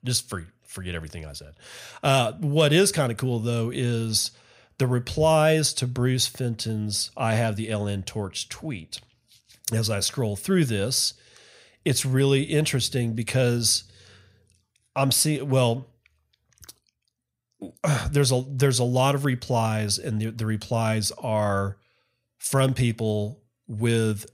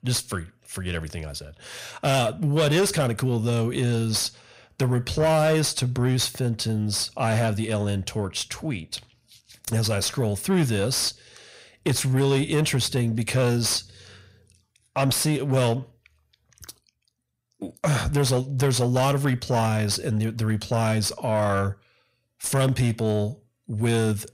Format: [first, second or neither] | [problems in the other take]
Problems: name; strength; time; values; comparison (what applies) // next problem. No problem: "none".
first | distortion; slight; 10 dB below the speech